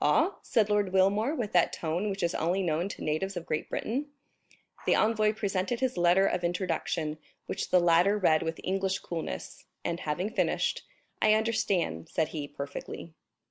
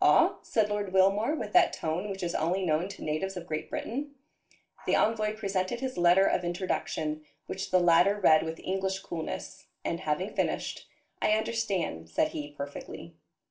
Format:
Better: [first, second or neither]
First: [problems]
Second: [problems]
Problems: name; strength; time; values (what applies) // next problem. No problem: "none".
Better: first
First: none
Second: room echo; dies away in 0.2 s